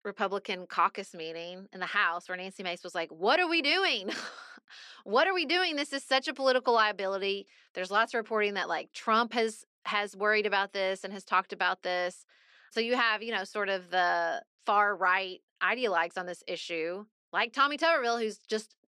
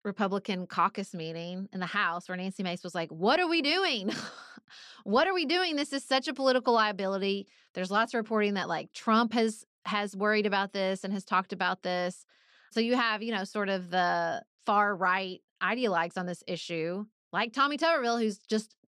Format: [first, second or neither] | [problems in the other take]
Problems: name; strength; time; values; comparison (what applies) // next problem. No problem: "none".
second | thin; somewhat; fading below 400 Hz